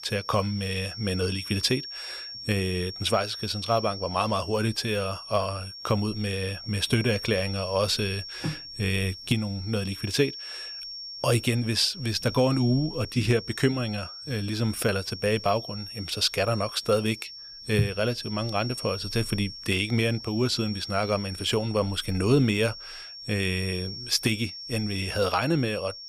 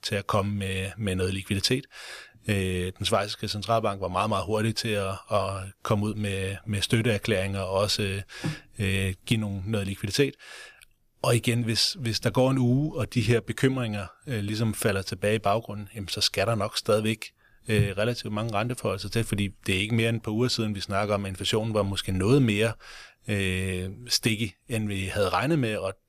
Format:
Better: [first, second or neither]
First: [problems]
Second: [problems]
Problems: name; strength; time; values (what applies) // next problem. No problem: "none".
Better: second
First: high-pitched whine; noticeable; throughout; 5.5 kHz, 10 dB below the speech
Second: none